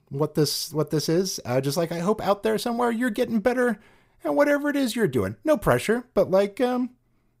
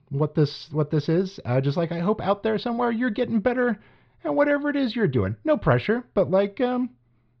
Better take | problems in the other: first | muffled; slightly; fading above 4 kHz

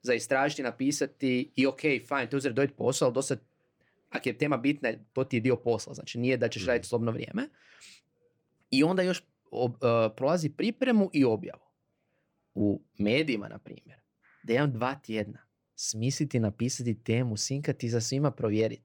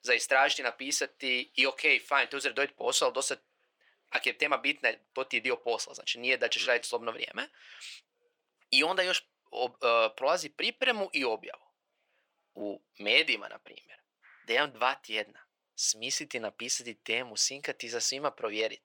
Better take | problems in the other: first | thin; very; fading below 800 Hz

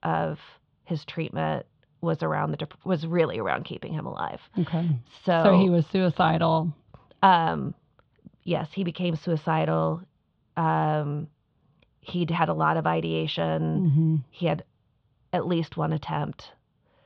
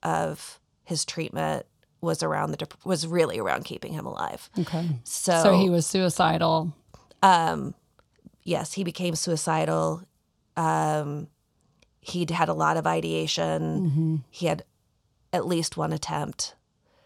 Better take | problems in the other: second | muffled; very; fading above 3.5 kHz

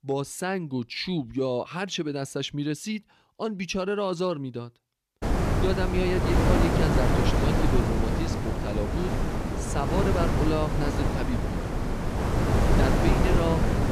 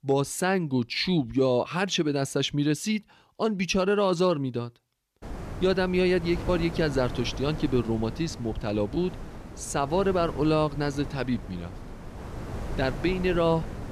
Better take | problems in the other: second | wind noise on the microphone; heavy; from 5 s on; 1 dB above the speech; occasional gusts in the second

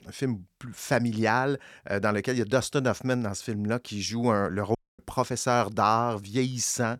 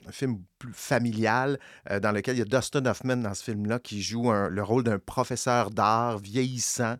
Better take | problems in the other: second | audio cutting out; at 5 s

